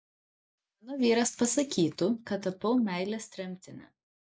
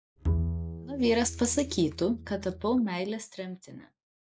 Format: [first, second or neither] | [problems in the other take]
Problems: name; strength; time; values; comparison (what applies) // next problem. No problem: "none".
first | background sound (Bowed string instrument); 4 dB below the speech